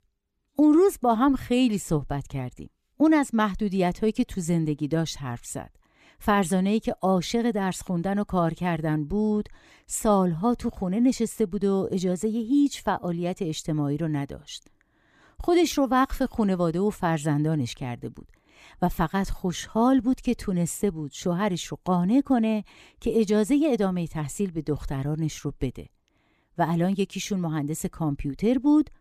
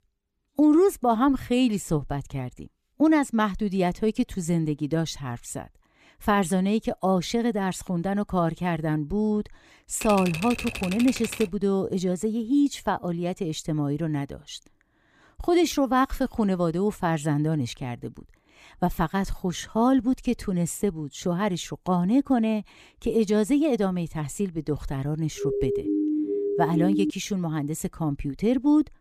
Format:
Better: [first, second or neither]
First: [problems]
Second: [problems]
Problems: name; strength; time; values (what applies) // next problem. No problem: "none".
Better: first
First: none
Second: keyboard typing; noticeable; from 10 to 11 s; peak 7 dB below the speech // siren; loud; from 25 to 27 s; peak level with the speech